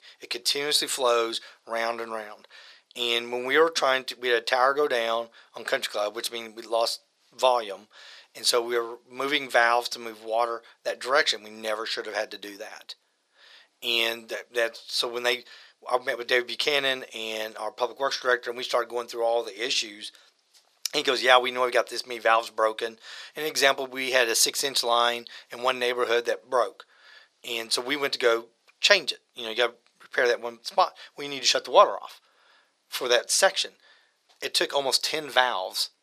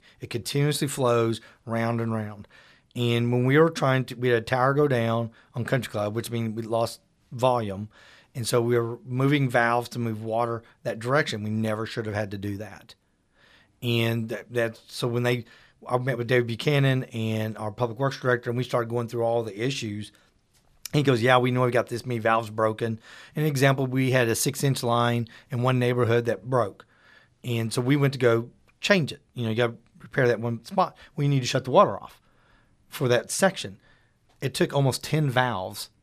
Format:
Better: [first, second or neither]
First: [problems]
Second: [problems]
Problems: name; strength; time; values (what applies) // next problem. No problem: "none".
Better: second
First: thin; very; fading below 450 Hz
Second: none